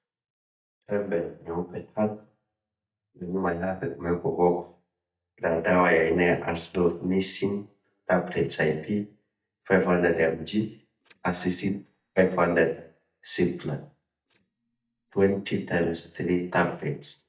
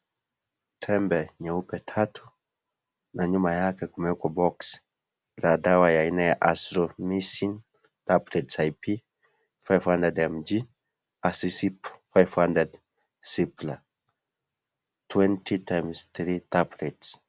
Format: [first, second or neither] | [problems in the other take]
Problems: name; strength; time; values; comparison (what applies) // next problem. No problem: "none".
second | noise reduction (neural mask model DeepFilterNet 3)